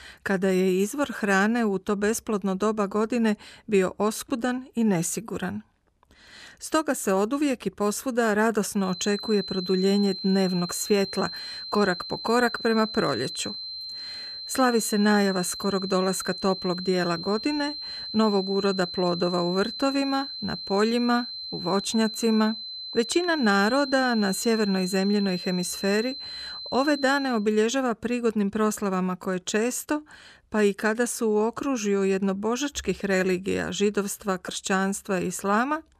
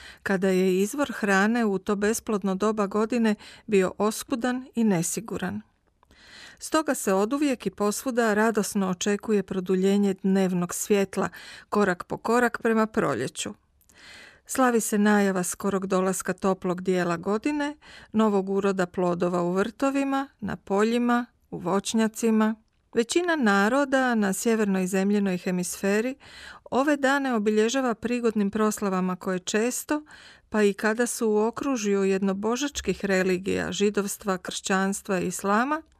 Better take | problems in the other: second | high-pitched whine; loud; from 9 to 27 s; 4 kHz, 8 dB below the speech

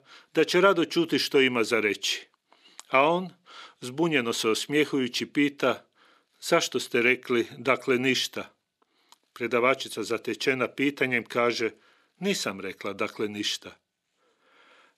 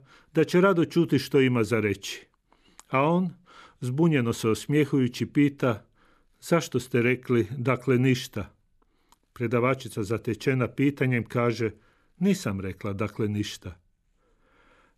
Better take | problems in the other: second | thin; somewhat; fading below 300 Hz

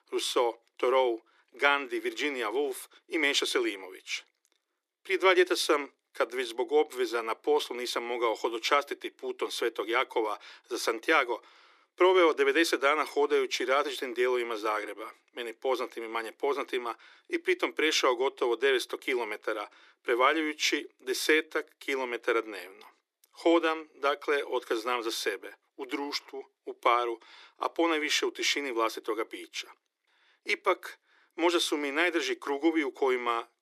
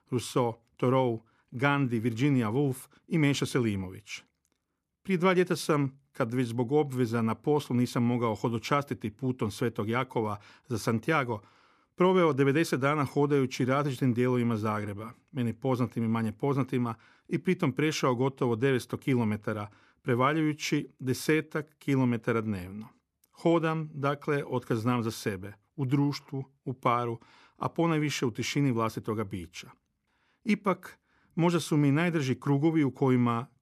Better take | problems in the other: second | thin; very; fading below 350 Hz

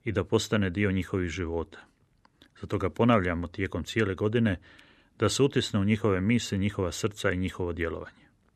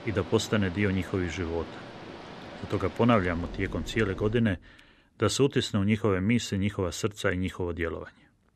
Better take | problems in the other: first | rain or running water; noticeable; until 4.5 s; 15 dB below the speech

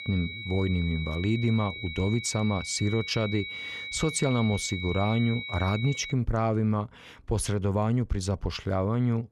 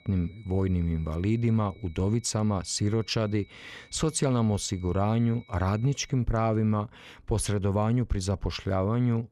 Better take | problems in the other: second | high-pitched whine; loud; until 6 s; 2.5 kHz, 8 dB below the speech; faint in the second

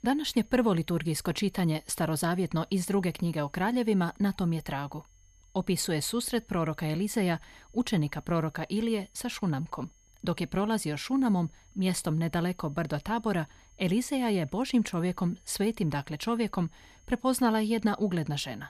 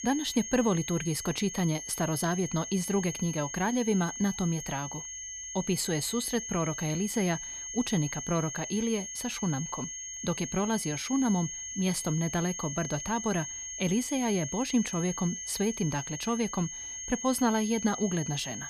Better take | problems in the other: first | high-pitched whine; loud; throughout; 6.5 kHz, 6 dB below the speech; faint in the first

